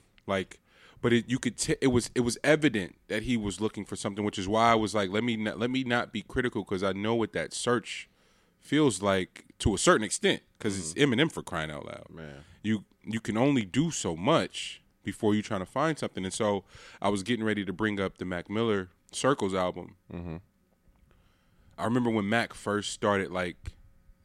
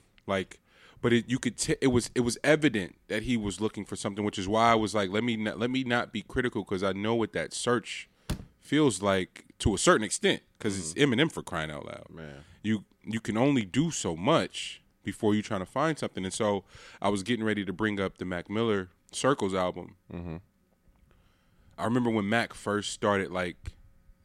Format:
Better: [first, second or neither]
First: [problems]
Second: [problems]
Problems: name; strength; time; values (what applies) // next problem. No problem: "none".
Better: first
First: none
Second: door banging; faint; at 8.5 s; peak 10 dB below the speech